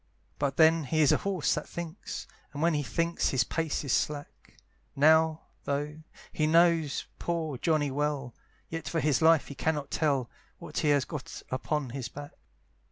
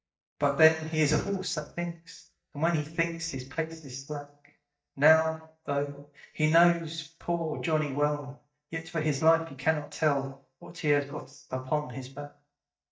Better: first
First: none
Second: noise reduction (neural mask model DeepFilterNet 3)

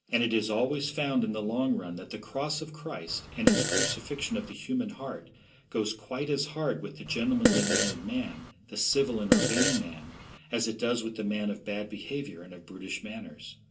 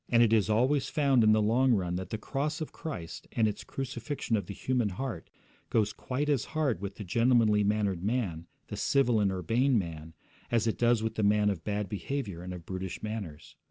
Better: second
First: background sound (Fart); 3 dB above the speech // room echo; dies away in 0.2 s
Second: none

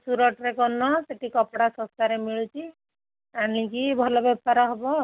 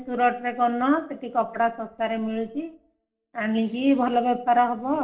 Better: first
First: none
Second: noise reduction (neural separator model SepFormer DNS4)

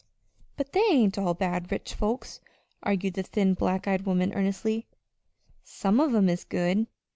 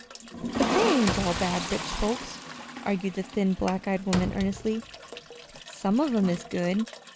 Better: first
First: none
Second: background sound (Slam + Toilet flush); 5 dB below the speech

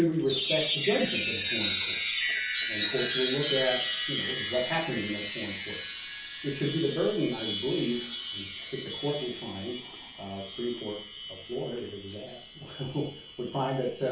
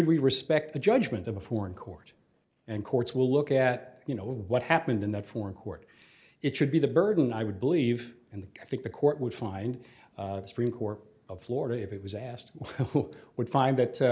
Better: second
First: background sound (Chime); 2 dB below the speech // room echo; dies away in 0.3 s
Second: none

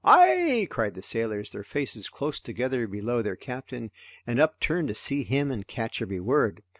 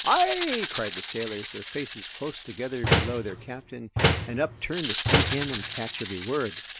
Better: first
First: none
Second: background sound (Slam + Rattle (instrument)); 1 dB above the speech

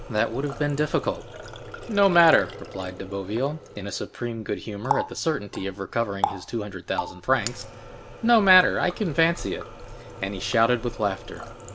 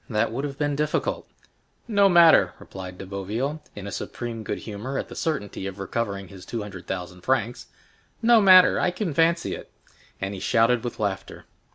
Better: second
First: background sound (Water tap, faucet); 11 dB below the speech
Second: none

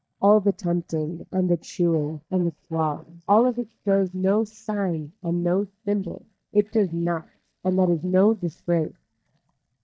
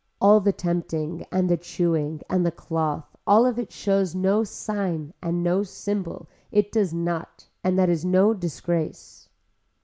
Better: second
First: noise reduction (neural mask model DeepFilterNet 3)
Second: none

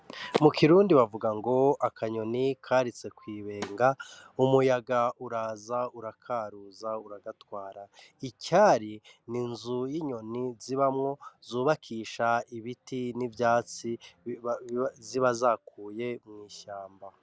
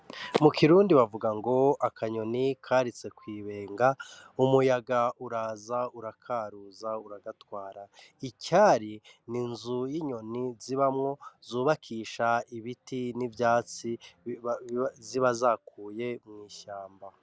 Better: second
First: background sound (Snare drum); 19 dB below the speech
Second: none

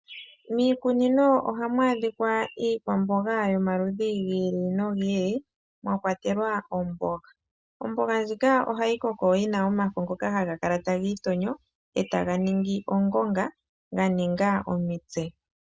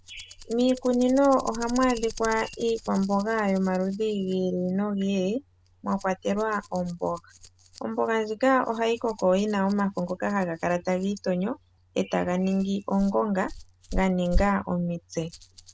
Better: first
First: none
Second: background sound (Rattle); 13 dB below the speech

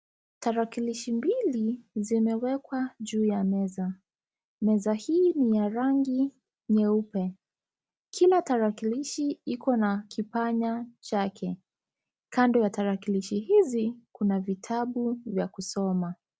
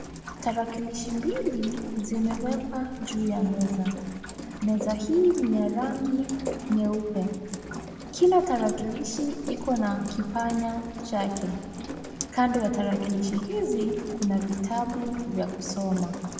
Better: first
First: none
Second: background sound (Rain); 11 dB below the speech // room echo; dies away in 2 s

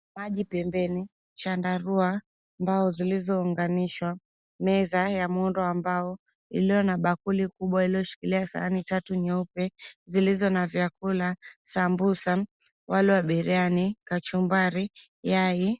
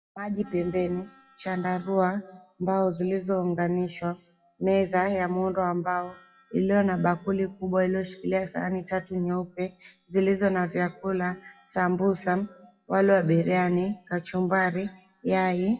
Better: first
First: none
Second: noise reduction (classical method WPE with log-MMSE)

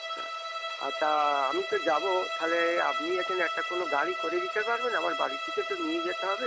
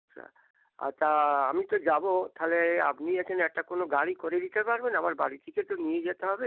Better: second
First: background sound (Bowed string instrument); 3 dB below the speech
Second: none

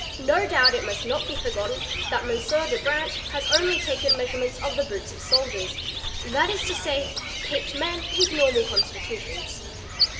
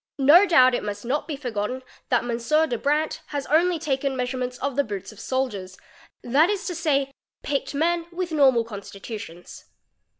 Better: second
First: background sound (Bird); 1 dB below the speech // room echo; dies away in 0.9 s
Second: none

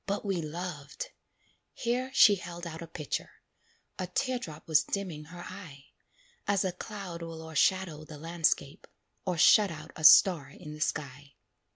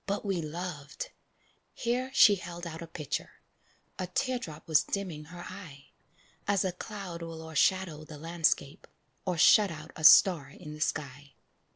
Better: first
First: none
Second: noise reduction (neural separator model SepFormer DNS4)

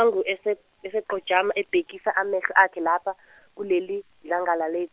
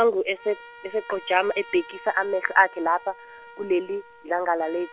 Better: first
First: none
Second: background sound (Trumpet); 20 dB below the speech

